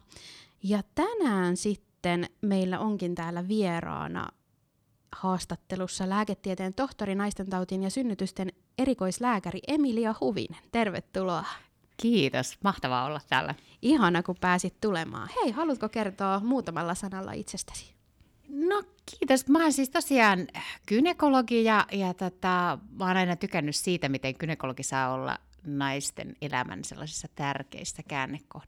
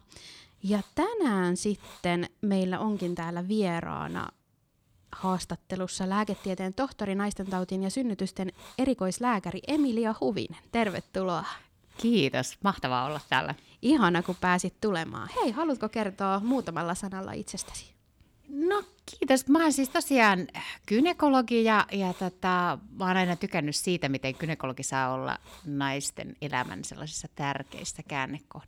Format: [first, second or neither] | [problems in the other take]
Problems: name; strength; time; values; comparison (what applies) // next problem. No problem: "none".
first | hiss; faint; throughout; 25 dB below the speech